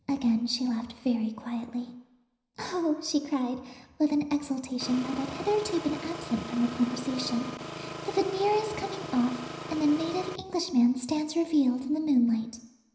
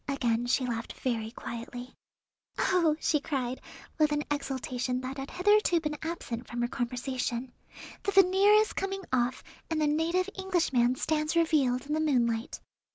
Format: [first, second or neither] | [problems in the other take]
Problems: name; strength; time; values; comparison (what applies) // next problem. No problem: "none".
second | background sound (Engine); 10 dB below the speech // room echo; dies away in 0.9 s